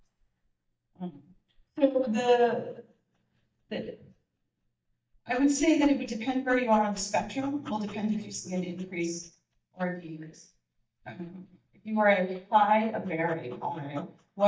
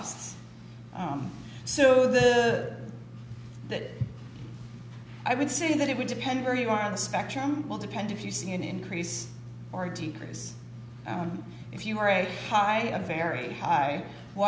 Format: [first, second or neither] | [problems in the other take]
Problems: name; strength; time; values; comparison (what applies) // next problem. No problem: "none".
second | noise reduction (neural mask model DeepFilterNet 3)